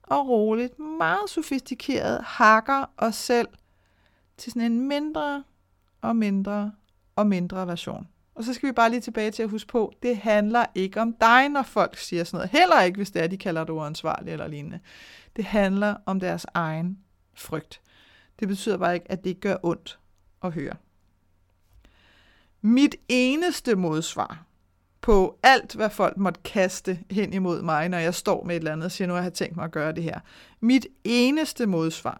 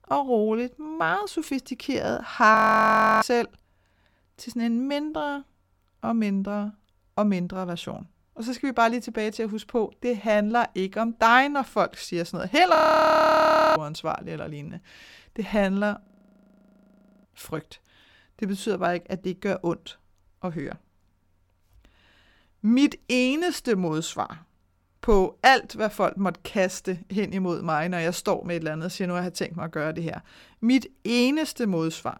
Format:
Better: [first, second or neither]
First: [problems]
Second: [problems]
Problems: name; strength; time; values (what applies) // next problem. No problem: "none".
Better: first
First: none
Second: audio freezing; at 2.5 s for 0.5 s, at 13 s for 1 s and at 16 s for 1 s